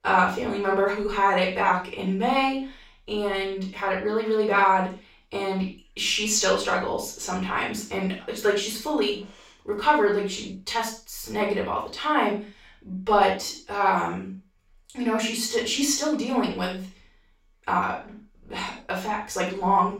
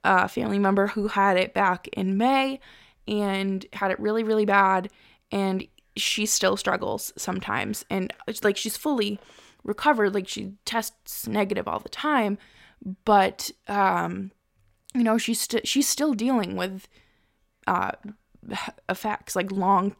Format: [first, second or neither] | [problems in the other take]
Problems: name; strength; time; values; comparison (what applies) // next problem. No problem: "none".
second | room echo; noticeable; dies away in 0.3 s // off-mic speech; far